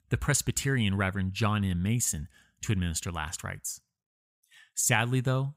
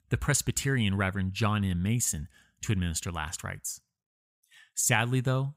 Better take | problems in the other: neither | none

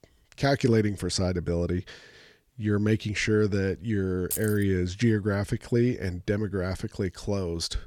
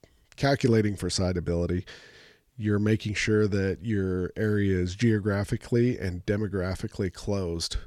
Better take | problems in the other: second | jangling keys; noticeable; at 4.5 s; peak 5 dB below the speech

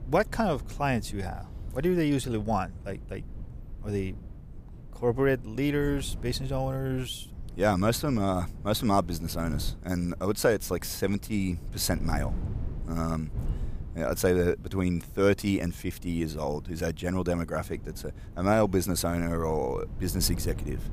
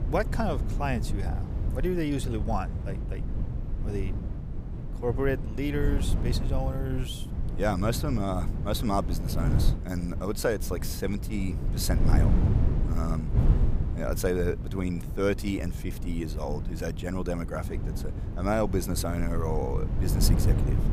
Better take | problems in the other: first | wind noise on the microphone; heavy; 9 dB below the speech; occasional gusts in the first

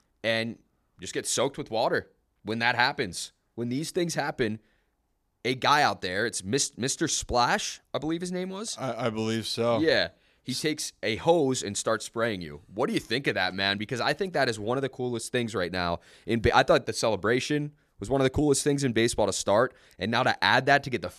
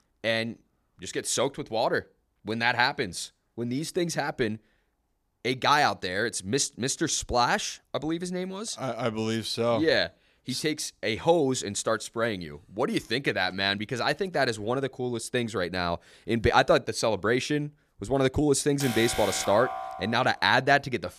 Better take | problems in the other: first | alarm; noticeable; from 19 to 20 s; peak 5 dB below the speech

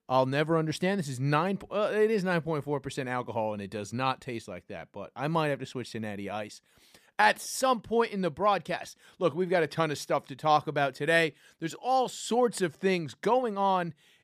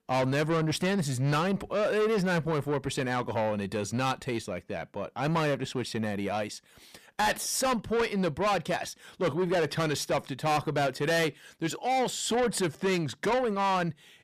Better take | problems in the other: first | distortion; heavy; 6 dB below the speech

